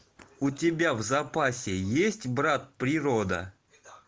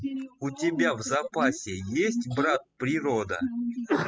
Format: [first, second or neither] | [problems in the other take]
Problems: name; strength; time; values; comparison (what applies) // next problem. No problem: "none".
first | noise reduction (classical method spectral subtraction)